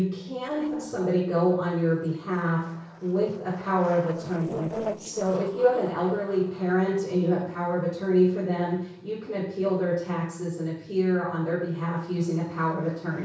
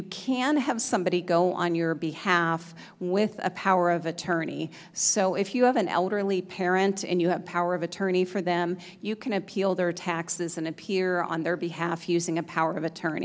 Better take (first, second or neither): second